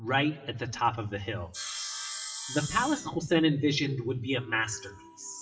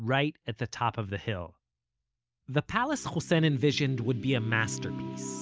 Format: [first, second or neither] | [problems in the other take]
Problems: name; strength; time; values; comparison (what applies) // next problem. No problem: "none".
second | noise reduction (classical method WPE with log-MMSE)